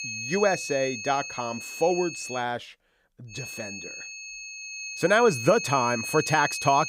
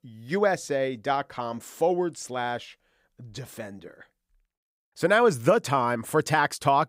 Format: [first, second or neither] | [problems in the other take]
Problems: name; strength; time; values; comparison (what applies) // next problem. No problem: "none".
second | high-pitched whine; loud; until 2.5 s and from 3.5 s on; 2.5 kHz, 8 dB below the speech